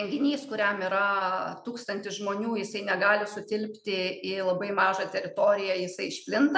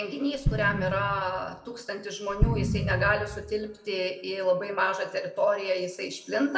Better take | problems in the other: first | background sound (Explosion); 2 dB below the speech // room echo; dies away in 1.4 s

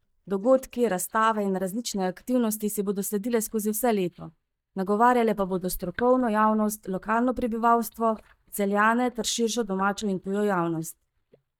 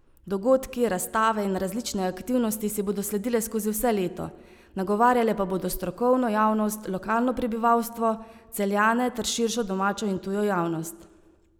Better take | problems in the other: second | noise reduction (neural mask model DeepFilterNet 3)

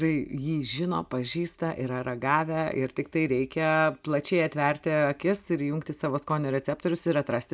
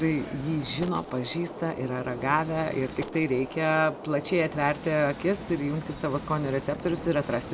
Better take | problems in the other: first | background sound (Gunshot, gunfire); 11 dB below the speech

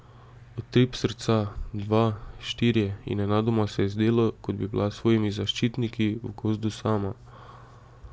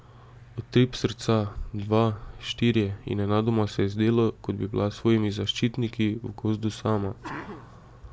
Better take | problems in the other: first | background sound (Sneeze); 15 dB below the speech

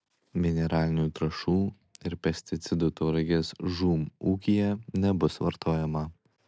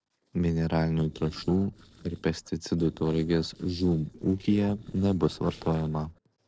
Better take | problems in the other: first | noise reduction (neural separator model SepFormer DNS4)

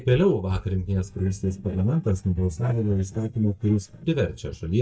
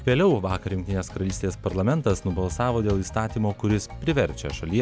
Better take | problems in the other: second | noise reduction (neural mask model DeepFilterNet 3)

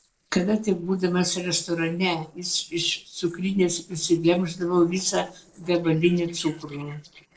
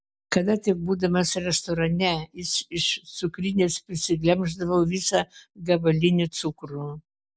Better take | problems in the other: second | noise reduction (neural separator model SepFormer DNS4)

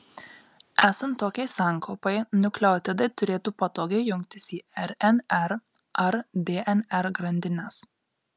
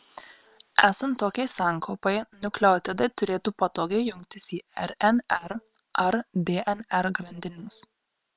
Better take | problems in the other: first | noise reduction (neural separator model SepFormer WHAM!)

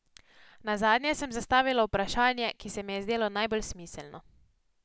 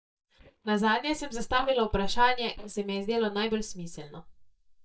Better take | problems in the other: first | noise reduction (neural mask model DeepFilterNet 3)

